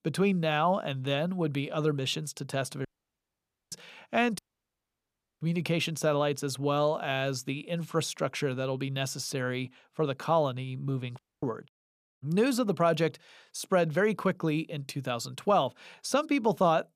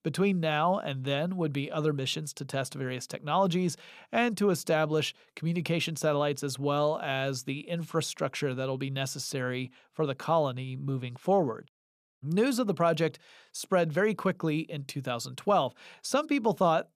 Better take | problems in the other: second | audio cutting out; at 3 s for 1 s, at 4.5 s for 1 s and at 11 s

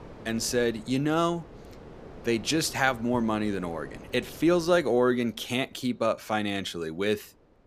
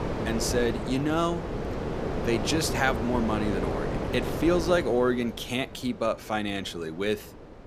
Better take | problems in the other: first | wind noise on the microphone; heavy; 5 dB below the speech; occasional gusts in the first

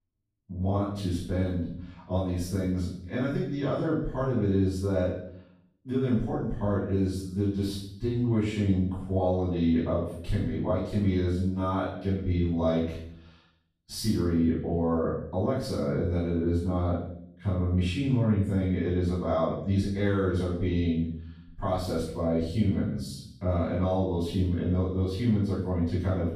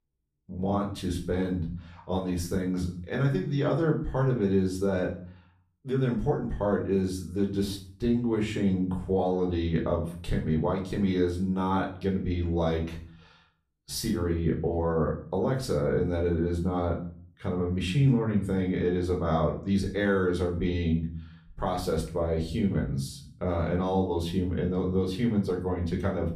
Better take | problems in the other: second | room echo; strong; dies away in 0.6 s; slight in the second // off-mic speech; far; far in the second

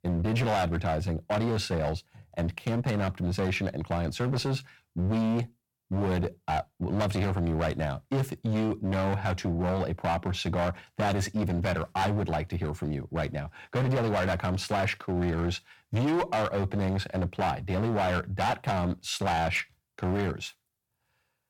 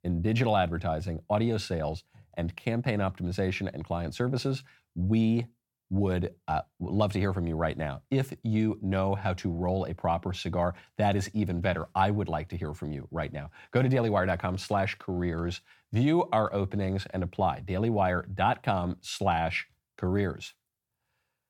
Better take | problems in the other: second | distortion; heavy; 17% of the sound clipped

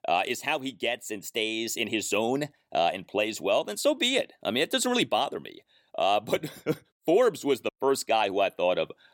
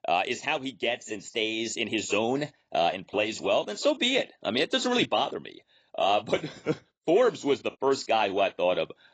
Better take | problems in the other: first | garbled, watery; badly; nothing above 7.5 kHz

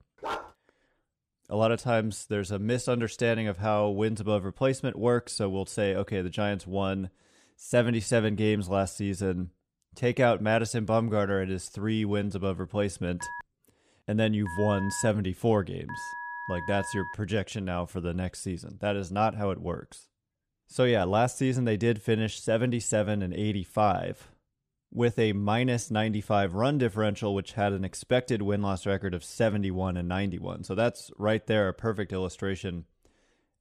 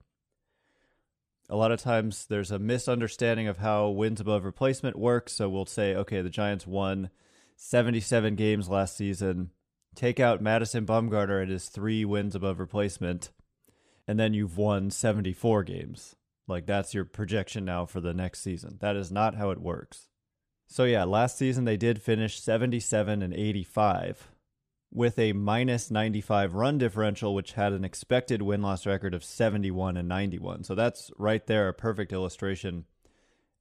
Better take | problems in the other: second | dog barking; noticeable; at the start; peak 7 dB below the speech // phone ringing; noticeable; from 13 to 17 s; peak 8 dB below the speech

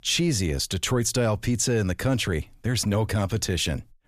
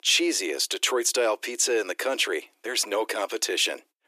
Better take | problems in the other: first | thin; very; fading below 350 Hz

